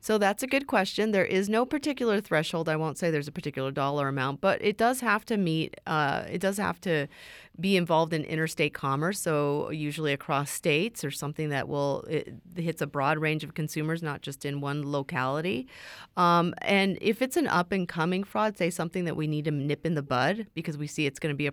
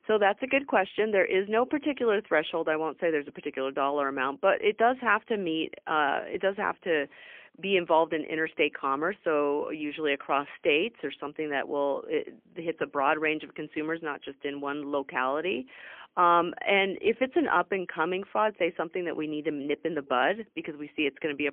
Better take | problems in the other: first | phone-call audio; poor line; nothing above 3 kHz

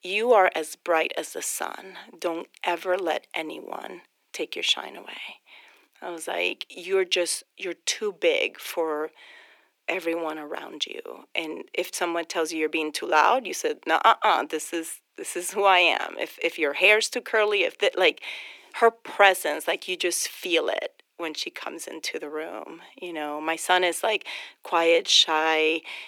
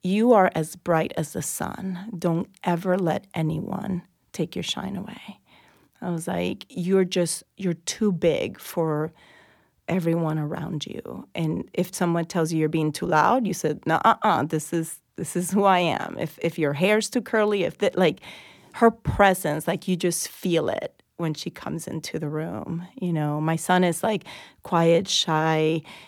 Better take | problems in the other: second | thin; very; fading below 350 Hz

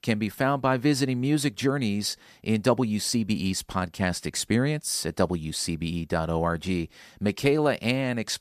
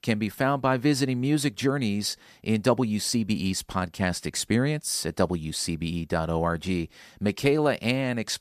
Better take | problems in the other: neither | none

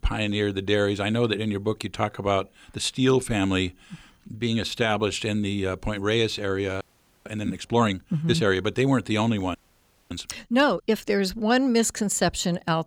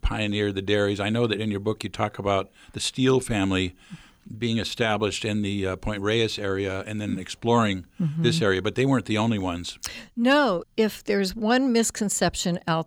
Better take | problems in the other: second | audio freezing; at 7 s and at 9.5 s for 0.5 s

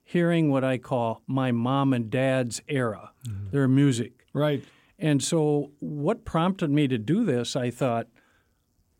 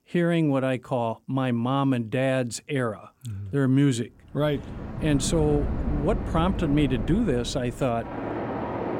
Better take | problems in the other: first | train or aircraft noise; loud; from 4.5 s on; 7 dB below the speech

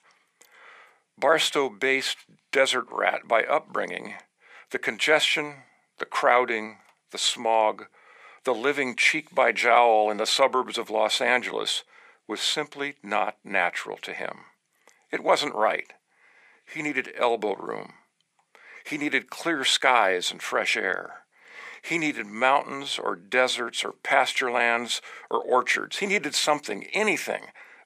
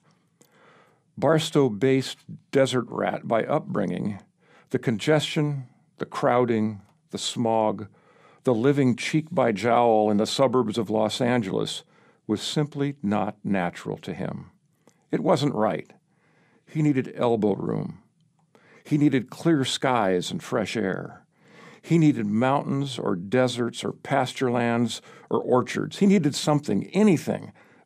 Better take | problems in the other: second | thin; very; fading below 650 Hz

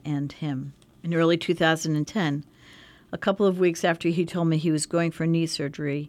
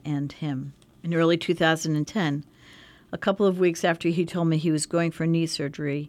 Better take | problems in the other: neither | none

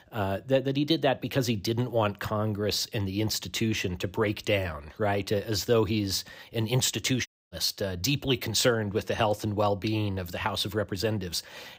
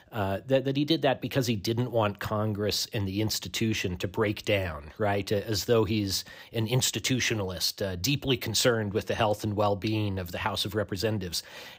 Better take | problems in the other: second | audio cutting out; at 7.5 s

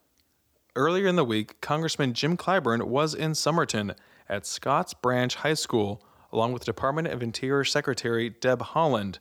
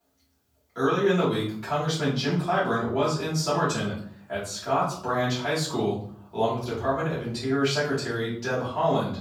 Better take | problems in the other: first | off-mic speech; far // room echo; noticeable; dies away in 0.5 s

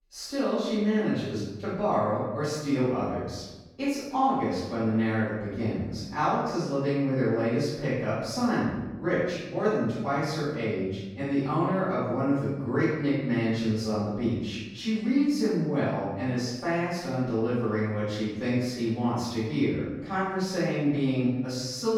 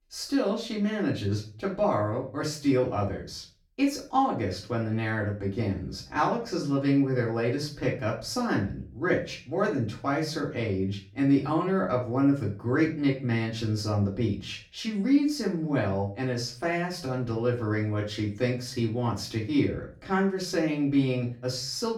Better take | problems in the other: second | room echo; strong; dies away in 1 s; slight in the second // off-mic speech; far; far in the second

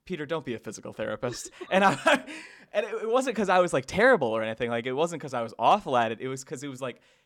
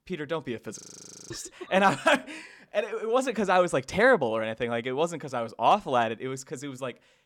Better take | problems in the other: first | audio freezing; at 1 s for 0.5 s

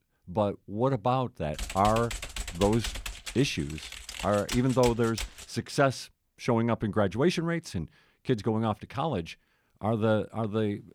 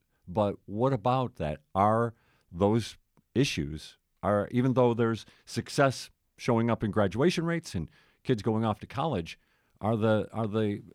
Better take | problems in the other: second | keyboard typing; noticeable; from 1.5 to 5.5 s; peak 6 dB below the speech

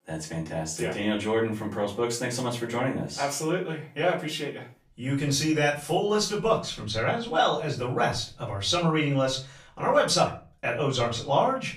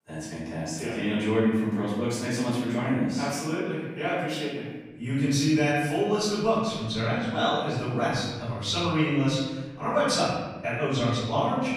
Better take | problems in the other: first | room echo; strong; dies away in 1.3 s; slight in the first // off-mic speech; far; far in the first

